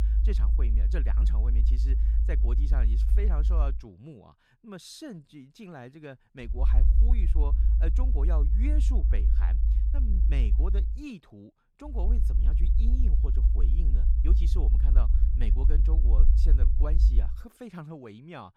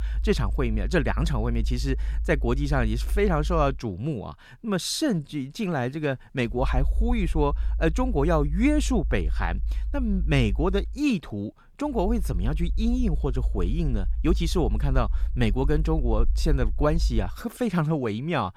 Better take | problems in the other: second | low rumble; loud; until 3.5 s, from 6.5 to 11 s and from 12 to 17 s; 3 dB below the speech; faint in the second

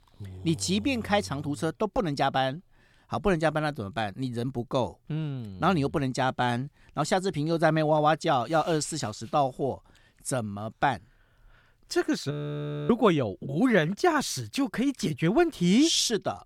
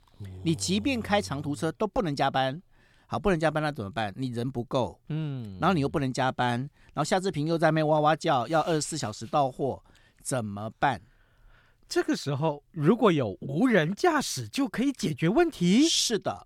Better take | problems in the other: second | audio freezing; at 12 s for 0.5 s

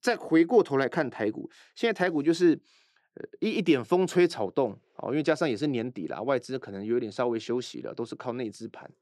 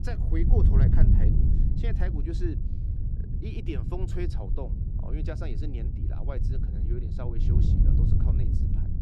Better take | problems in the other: first | wind noise on the microphone; heavy; as loud as the speech

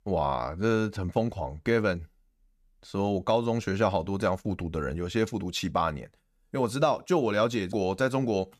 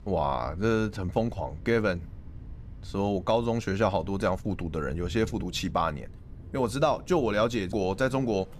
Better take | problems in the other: first | rain or running water; noticeable; throughout; 15 dB below the speech

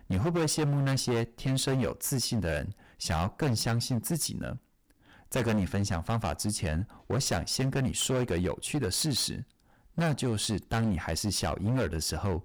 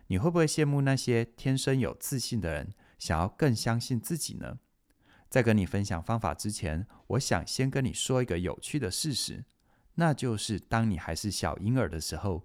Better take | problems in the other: second | distortion; heavy; 16% of the sound clipped

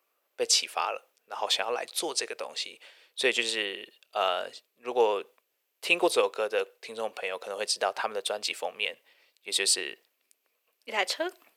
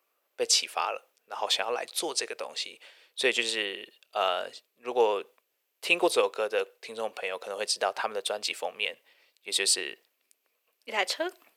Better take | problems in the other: neither | thin; very; fading below 400 Hz; the same in both

